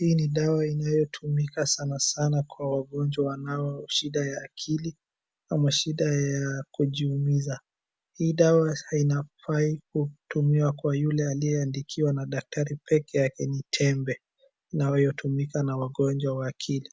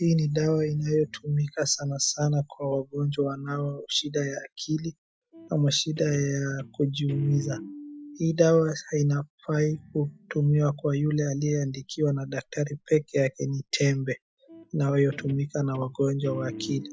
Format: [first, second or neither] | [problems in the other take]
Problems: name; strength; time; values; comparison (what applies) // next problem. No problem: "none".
first | noise reduction (classical method Wiener filter)